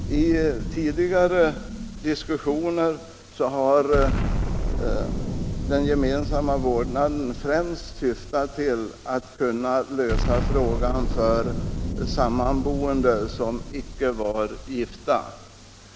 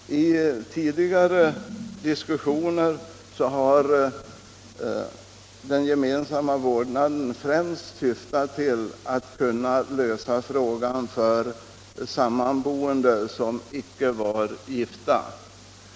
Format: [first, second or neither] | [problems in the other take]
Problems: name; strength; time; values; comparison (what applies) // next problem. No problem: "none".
second | background sound (Explosion); 4 dB below the speech